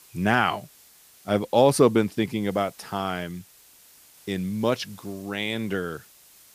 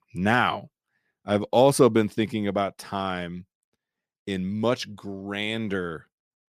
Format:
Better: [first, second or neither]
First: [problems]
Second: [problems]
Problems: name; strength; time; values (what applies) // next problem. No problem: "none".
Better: second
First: hiss; faint; throughout; 25 dB below the speech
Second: none